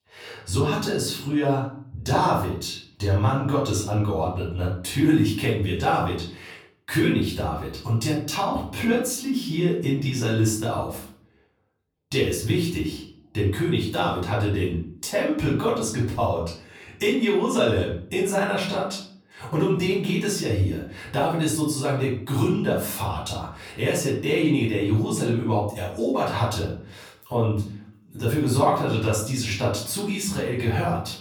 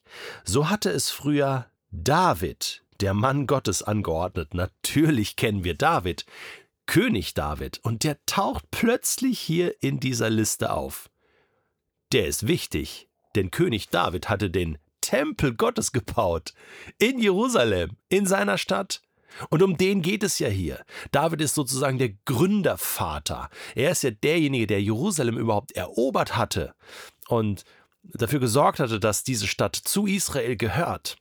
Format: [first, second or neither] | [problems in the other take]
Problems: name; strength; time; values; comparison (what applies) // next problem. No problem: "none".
second | off-mic speech; far // room echo; noticeable; dies away in 0.5 s